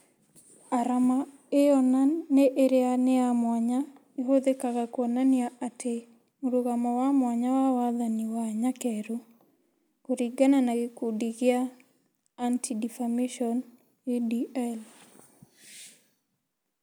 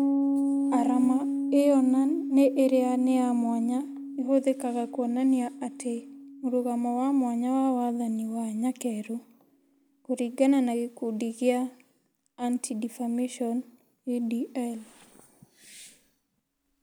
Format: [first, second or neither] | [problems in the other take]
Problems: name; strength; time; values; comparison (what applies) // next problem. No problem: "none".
first | background sound (Piano); 7 dB below the speech